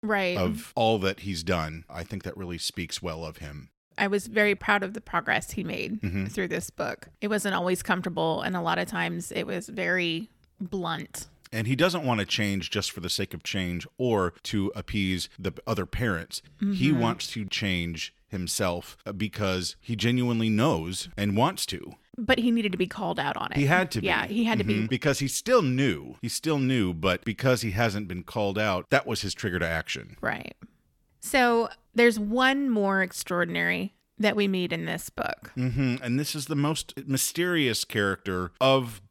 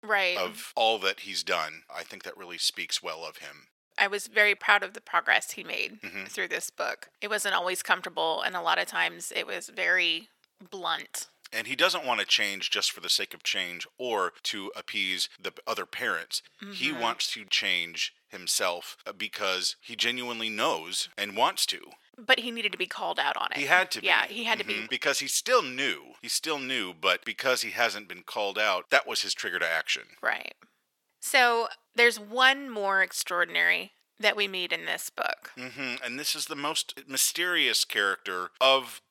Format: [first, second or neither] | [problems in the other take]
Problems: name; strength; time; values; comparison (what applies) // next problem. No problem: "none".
first | thin; very; fading below 600 Hz